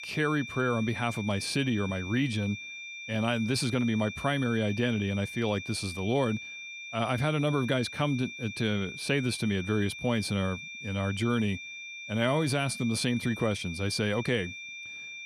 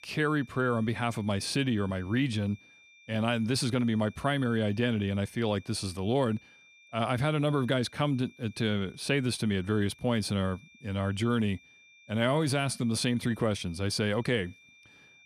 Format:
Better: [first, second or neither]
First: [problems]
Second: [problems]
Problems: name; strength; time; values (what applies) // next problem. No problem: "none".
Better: second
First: high-pitched whine; loud; throughout; 2.5 kHz, 9 dB below the speech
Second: high-pitched whine; faint; throughout; 2.5 kHz, 25 dB below the speech